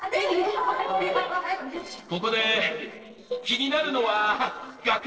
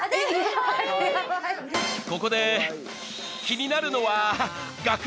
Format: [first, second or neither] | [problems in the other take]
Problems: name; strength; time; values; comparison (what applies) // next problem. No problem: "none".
second | noise reduction (neural separator model SepFormer DNS4)